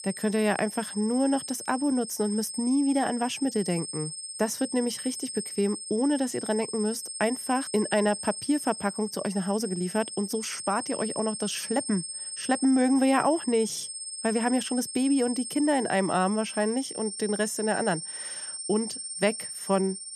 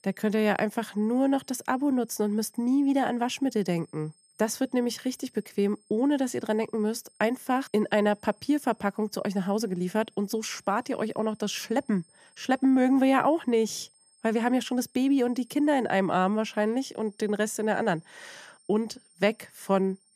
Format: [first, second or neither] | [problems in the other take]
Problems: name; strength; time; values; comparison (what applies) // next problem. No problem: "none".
second | high-pitched whine; loud; throughout; 8.5 kHz, 7 dB below the speech; faint in the second